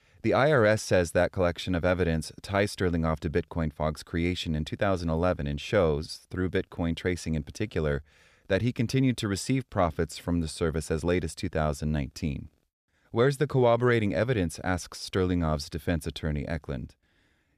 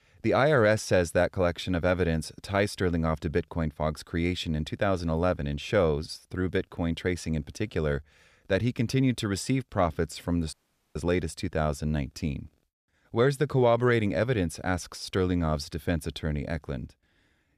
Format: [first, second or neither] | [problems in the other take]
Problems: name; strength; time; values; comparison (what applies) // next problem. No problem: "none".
first | audio cutting out; at 11 s